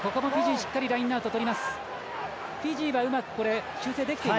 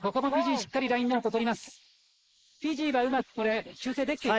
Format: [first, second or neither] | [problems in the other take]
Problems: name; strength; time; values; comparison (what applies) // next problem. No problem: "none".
first | noise reduction (neural mask model Resemble Enhance denoiser)